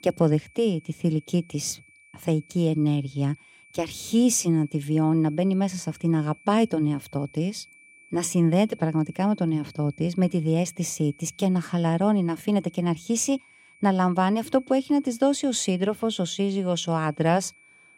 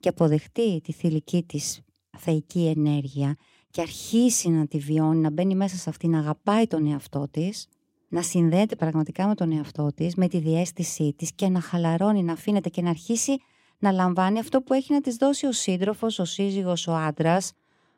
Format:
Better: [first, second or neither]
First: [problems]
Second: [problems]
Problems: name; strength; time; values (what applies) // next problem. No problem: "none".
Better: second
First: high-pitched whine; faint; throughout; 2.5 kHz, 25 dB below the speech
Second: none